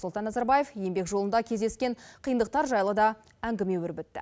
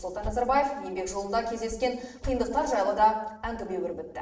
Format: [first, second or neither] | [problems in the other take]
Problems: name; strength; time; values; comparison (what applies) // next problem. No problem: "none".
first | noise reduction (neural separator model SepFormer DNS4)